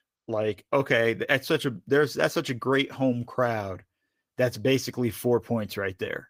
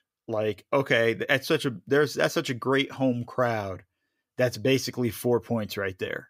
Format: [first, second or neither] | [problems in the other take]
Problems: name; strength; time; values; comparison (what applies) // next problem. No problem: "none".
second | garbled, watery; slightly; nothing above 15.5 kHz